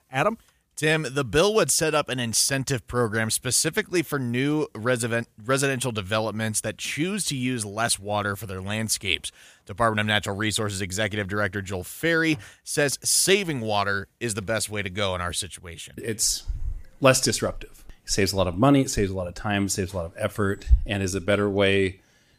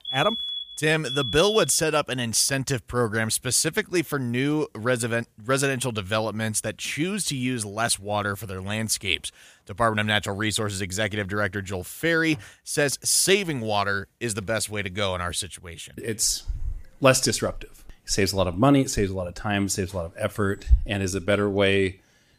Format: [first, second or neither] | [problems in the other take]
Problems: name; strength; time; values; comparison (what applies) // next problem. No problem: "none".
first | alarm; noticeable; until 2 s; peak 3 dB below the speech